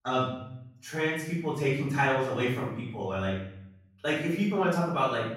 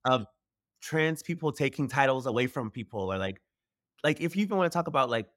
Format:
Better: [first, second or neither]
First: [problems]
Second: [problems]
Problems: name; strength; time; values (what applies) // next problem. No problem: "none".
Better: second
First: off-mic speech; far // room echo; noticeable; dies away in 0.7 s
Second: none